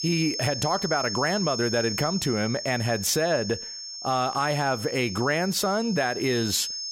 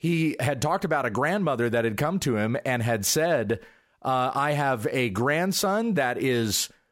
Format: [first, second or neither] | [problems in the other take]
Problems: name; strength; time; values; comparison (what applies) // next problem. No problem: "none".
second | high-pitched whine; loud; throughout; 5.5 kHz, 6 dB below the speech